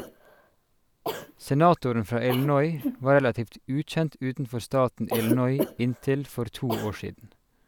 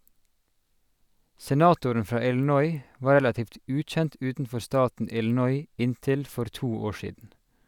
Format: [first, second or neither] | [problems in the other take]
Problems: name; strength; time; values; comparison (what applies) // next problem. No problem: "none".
second | background sound (Cough); 10 dB below the speech